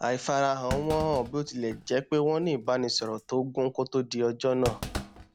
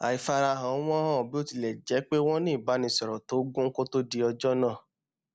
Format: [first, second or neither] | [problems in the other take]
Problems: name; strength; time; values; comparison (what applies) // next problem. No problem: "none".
second | background sound (Thump, thud); 13 dB below the speech